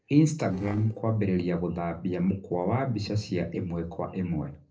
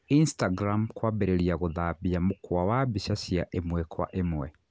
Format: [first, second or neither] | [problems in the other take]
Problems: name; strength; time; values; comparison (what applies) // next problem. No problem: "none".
second | noise reduction (neural separator model SepFormer DNS4)